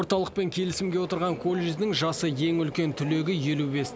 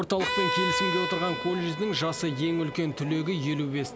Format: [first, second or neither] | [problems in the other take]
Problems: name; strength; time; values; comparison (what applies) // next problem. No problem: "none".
first | background sound (Bowed string instrument); 4 dB below the speech